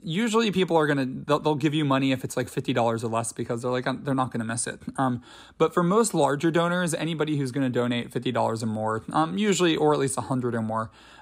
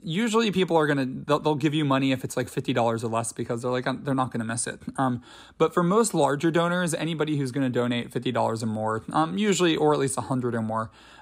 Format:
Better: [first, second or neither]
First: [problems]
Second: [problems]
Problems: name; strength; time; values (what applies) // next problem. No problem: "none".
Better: neither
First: none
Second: none